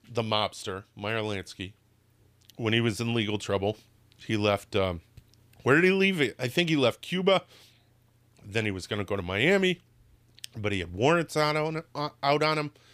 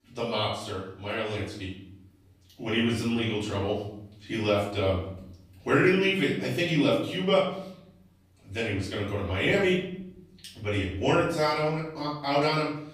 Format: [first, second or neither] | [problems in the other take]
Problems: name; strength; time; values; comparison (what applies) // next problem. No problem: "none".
first | off-mic speech; far // room echo; noticeable; dies away in 0.7 s